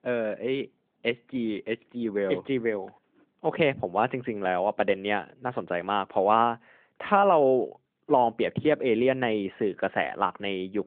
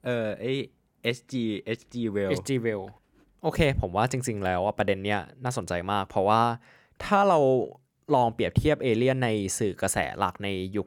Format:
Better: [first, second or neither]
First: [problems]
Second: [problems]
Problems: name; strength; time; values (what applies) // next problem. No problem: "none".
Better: second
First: phone-call audio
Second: none